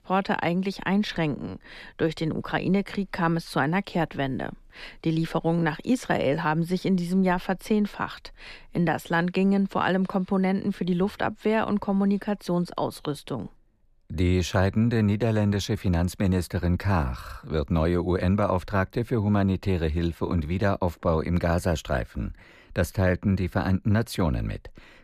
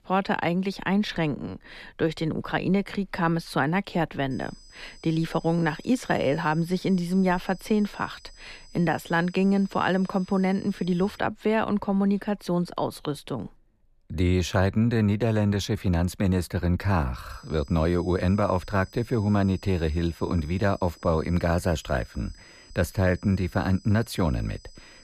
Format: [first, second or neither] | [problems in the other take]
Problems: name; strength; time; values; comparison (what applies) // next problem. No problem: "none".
first | high-pitched whine; faint; from 4.5 to 11 s and from 17 s on; 5 kHz, 25 dB below the speech